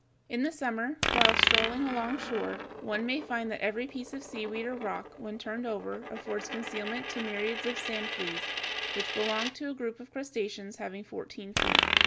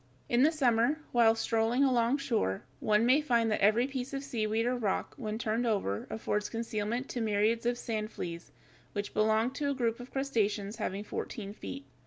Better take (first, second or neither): second